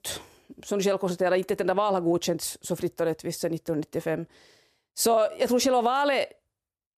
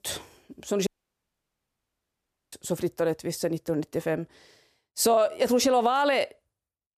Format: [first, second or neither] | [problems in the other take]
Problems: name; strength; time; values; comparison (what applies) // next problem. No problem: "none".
first | audio cutting out; at 1 s for 1.5 s